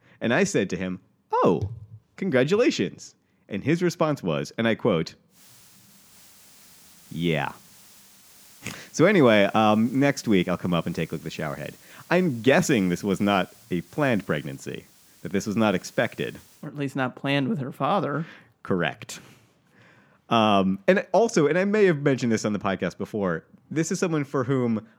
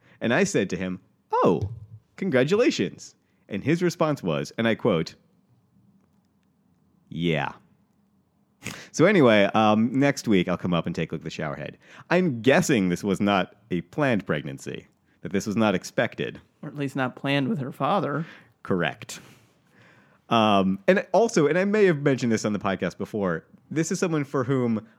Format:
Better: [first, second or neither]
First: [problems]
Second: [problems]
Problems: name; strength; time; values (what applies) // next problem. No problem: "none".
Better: second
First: hiss; faint; from 5.5 to 17 s; 25 dB below the speech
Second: none